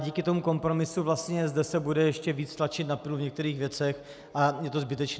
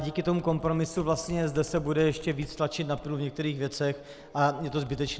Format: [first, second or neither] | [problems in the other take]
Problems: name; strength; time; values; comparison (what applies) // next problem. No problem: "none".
first | background sound (Computer keyboard); 19 dB below the speech